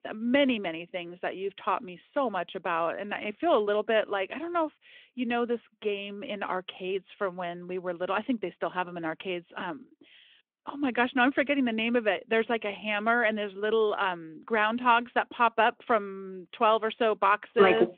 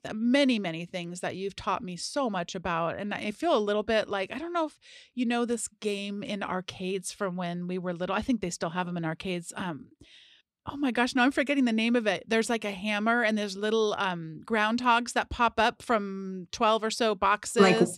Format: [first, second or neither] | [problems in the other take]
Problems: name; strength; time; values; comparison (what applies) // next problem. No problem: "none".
second | phone-call audio